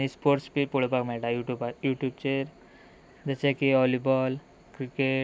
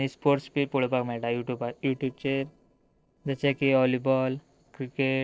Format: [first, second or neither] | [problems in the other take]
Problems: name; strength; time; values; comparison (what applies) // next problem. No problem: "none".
first | noise reduction (neural separator model SepFormer DNS4)